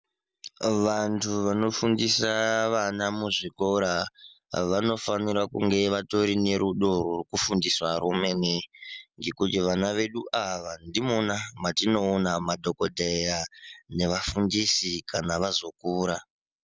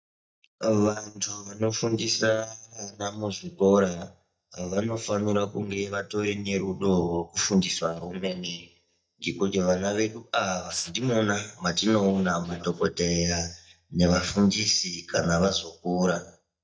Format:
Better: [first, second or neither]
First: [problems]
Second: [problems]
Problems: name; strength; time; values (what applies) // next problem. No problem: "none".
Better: first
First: none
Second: noise reduction (neural mask model DeepFilterNet 3)